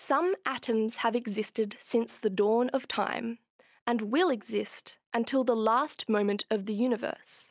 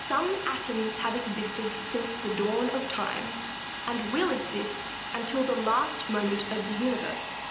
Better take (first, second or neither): first